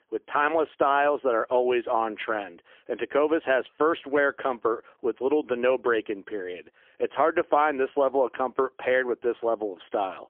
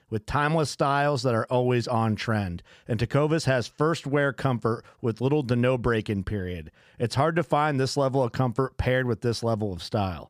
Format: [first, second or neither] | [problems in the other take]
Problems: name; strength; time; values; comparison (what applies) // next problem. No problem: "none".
second | phone-call audio; poor line; nothing above 3.5 kHz